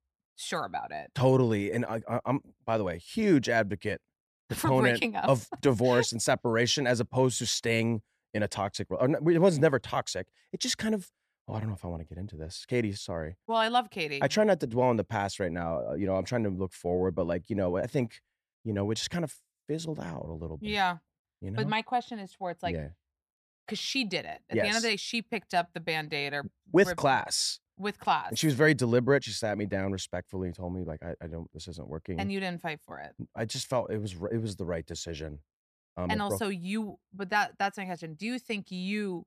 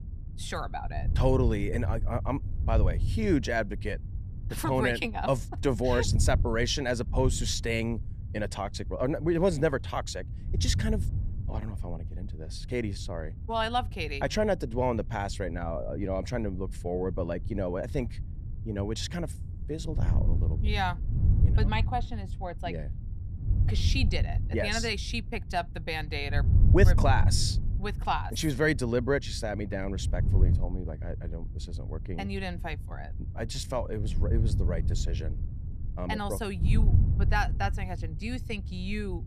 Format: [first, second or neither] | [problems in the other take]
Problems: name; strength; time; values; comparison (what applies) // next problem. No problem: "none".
first | wind noise on the microphone; occasional gusts; 15 dB below the speech